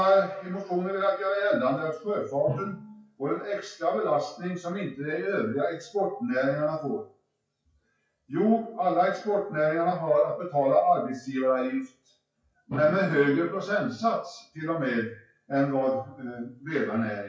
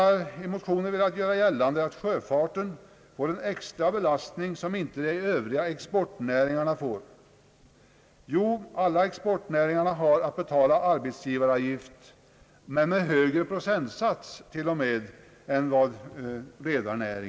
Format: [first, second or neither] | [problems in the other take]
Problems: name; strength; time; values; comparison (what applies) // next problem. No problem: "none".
second | noise reduction (classical method WPE with log-MMSE)